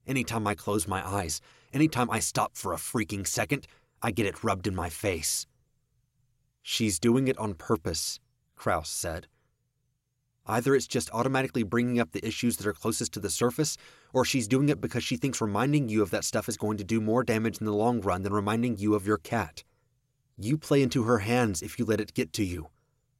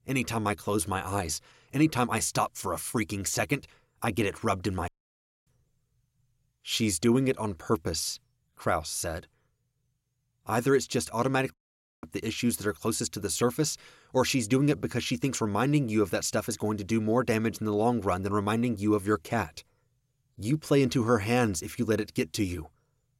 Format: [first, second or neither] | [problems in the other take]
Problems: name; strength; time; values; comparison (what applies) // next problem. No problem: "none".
first | audio cutting out; at 5 s for 0.5 s and at 12 s